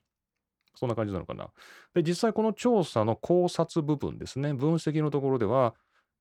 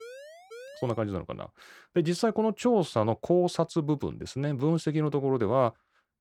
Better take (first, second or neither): first